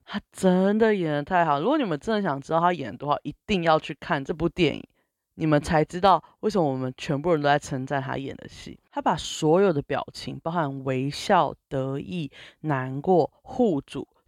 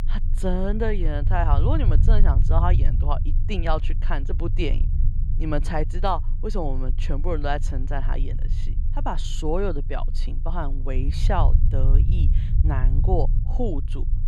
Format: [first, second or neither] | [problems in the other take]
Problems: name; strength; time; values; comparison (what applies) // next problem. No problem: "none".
first | low rumble; noticeable; throughout; 15 dB below the speech